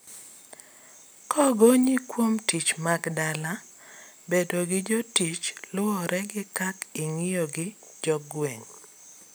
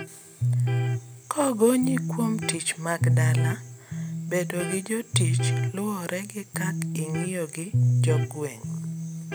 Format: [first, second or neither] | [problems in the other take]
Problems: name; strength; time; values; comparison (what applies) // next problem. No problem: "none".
first | background sound (Electric guitar); 2 dB above the speech